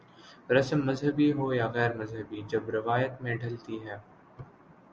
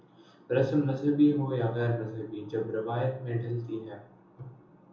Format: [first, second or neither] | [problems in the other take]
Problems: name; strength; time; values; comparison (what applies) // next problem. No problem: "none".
first | room echo; dies away in 1 s